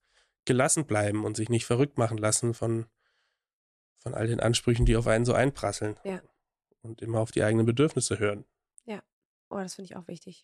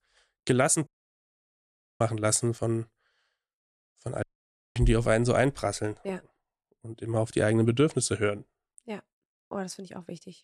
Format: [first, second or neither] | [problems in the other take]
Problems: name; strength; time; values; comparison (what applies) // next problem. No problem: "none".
first | audio cutting out; at 1 s for 1 s and at 4 s for 0.5 s